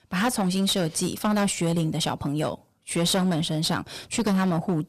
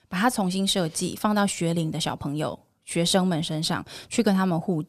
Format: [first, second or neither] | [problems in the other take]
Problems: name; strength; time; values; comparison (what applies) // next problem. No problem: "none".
second | distortion; slight; 12% of the sound clipped